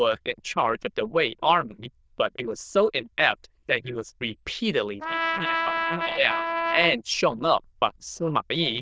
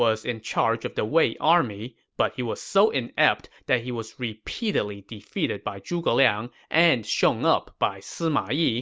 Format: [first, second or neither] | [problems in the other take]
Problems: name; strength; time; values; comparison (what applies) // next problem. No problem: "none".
second | noise reduction (neural diffusion model UNIVERSE++)